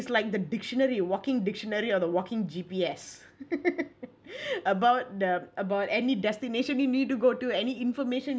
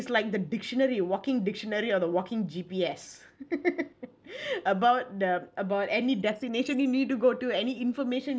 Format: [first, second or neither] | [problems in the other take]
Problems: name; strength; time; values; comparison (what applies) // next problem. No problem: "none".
first | noise reduction (neural separator model SepFormer DNS4)